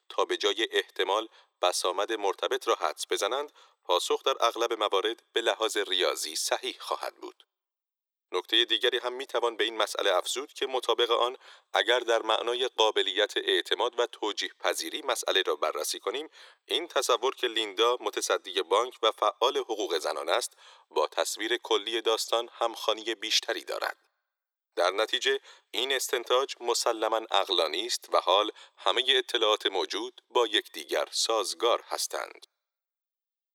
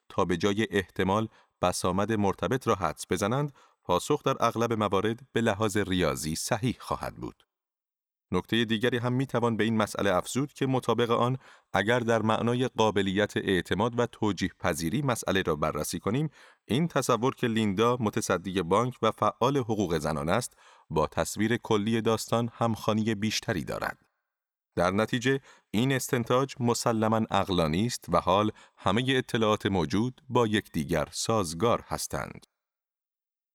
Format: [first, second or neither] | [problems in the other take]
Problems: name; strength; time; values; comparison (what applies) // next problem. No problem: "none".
second | thin; very; fading below 350 Hz